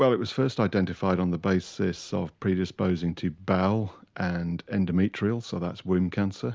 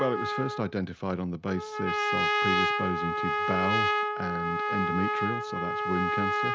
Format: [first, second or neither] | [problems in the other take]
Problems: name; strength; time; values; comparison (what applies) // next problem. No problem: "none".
first | background sound (Trumpet); 3 dB above the speech